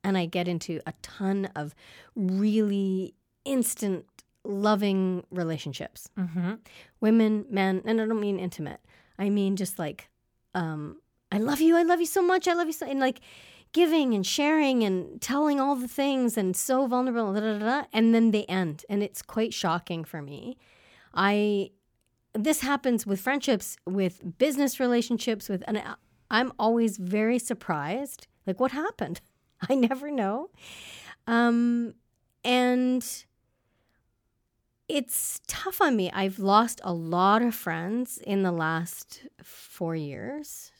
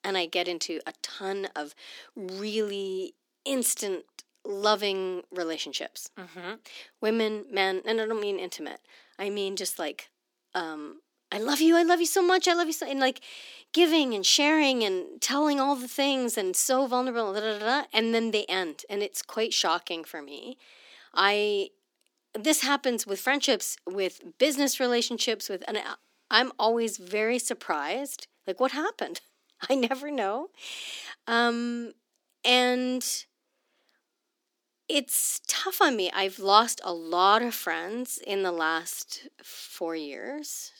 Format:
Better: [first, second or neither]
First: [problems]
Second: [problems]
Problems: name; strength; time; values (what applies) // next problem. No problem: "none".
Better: first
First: none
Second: thin; somewhat; fading below 250 Hz